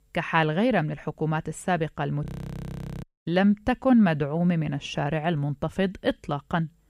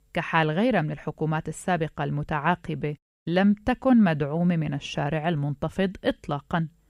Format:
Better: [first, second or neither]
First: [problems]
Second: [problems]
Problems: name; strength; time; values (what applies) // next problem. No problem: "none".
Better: second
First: audio freezing; at 2.5 s for 1 s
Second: none